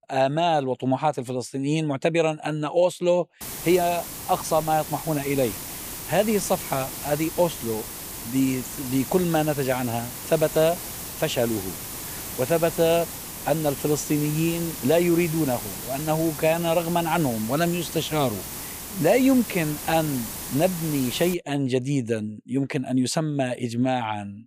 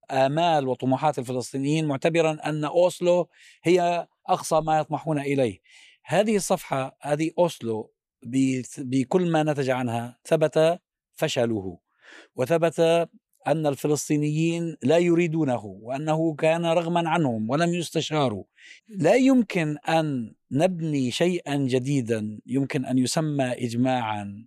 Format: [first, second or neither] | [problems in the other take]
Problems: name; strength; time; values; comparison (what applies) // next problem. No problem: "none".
second | hiss; loud; from 3.5 to 21 s; 8 dB below the speech